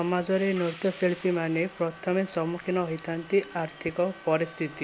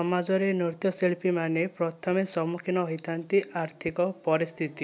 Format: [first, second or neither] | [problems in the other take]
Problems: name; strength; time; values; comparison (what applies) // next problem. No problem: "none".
second | background sound (Subway, metro, underground); 19 dB below the speech